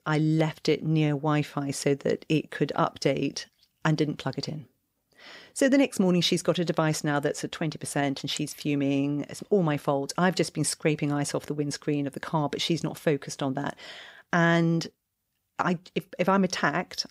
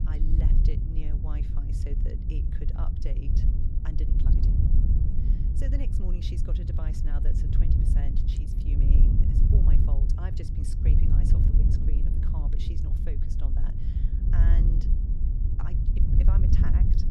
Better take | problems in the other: first | wind noise on the microphone; heavy; 4 dB above the speech

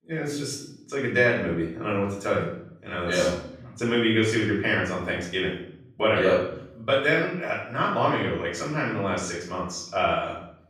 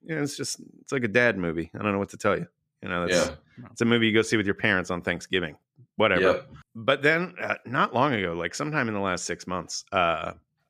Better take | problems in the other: second | off-mic speech; far // room echo; noticeable; dies away in 0.6 s

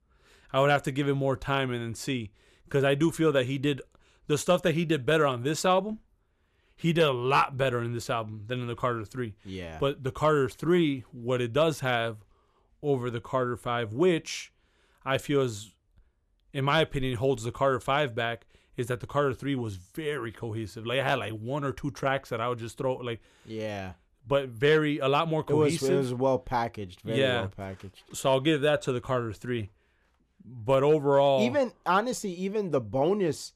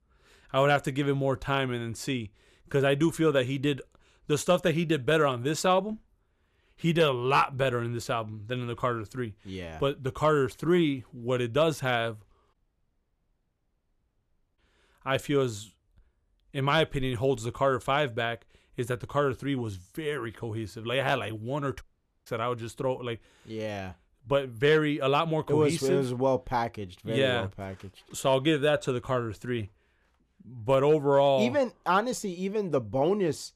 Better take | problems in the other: first | audio cutting out; at 13 s for 2 s and at 22 s

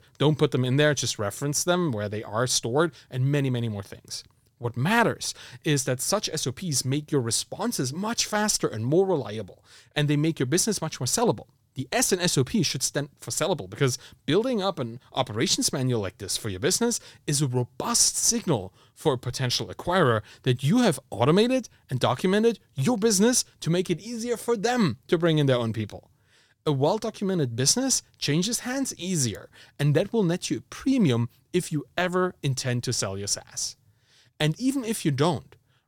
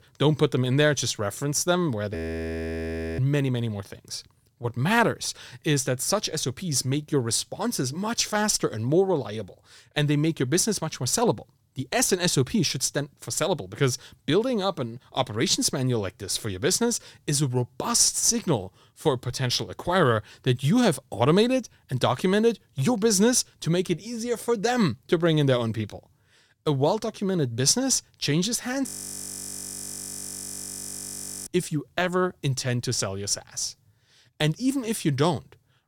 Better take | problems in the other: first | audio freezing; at 2 s for 1 s and at 29 s for 2.5 s

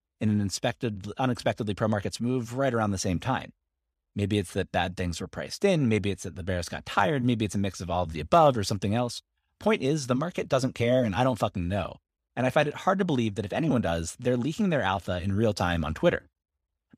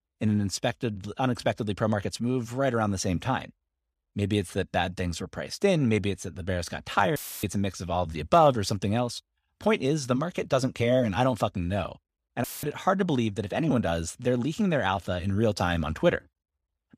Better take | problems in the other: first | audio cutting out; filled with static; at 7 s and at 12 s

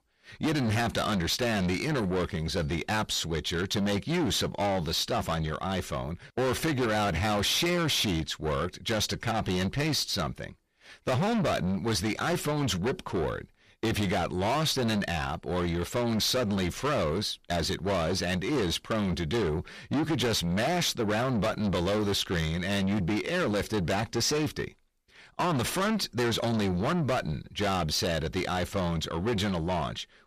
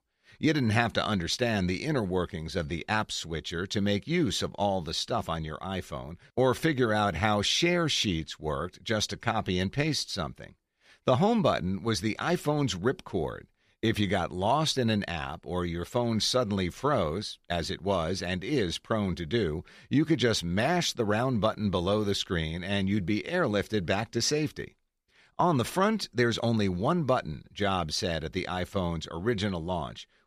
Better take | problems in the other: second | distortion; heavy; 6 dB below the speech

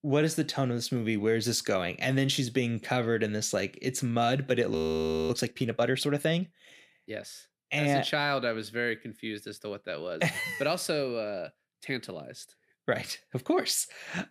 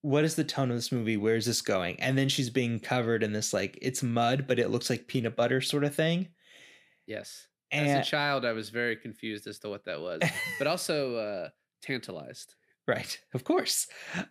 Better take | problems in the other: second | audio freezing; at 4.5 s for 0.5 s

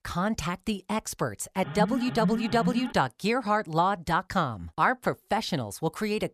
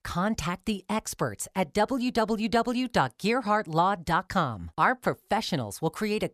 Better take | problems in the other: second | alarm; noticeable; from 1.5 to 3 s; peak 3 dB below the speech

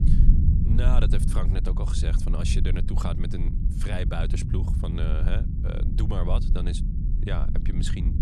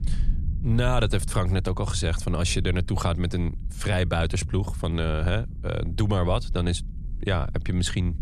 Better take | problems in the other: second | low rumble; loud; throughout; 4 dB below the speech; faint in the second

